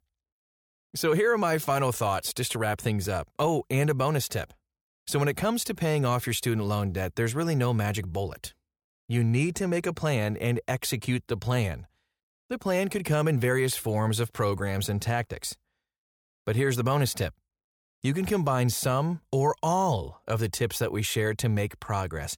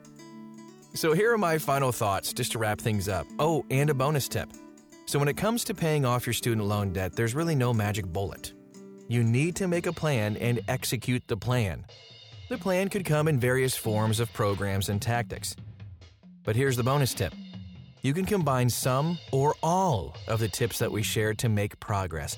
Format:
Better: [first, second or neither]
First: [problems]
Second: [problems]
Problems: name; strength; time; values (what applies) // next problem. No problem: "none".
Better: first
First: none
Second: background music; noticeable; throughout; 20 dB below the speech